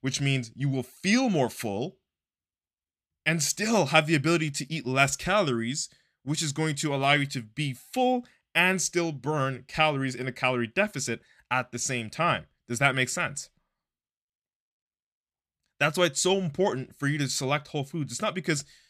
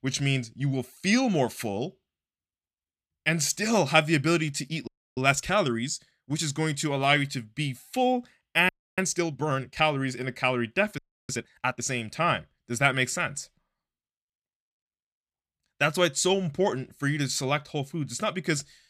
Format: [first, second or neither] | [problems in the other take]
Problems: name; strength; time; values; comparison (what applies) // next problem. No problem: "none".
first | audio freezing; at 5 s, at 8.5 s and at 11 s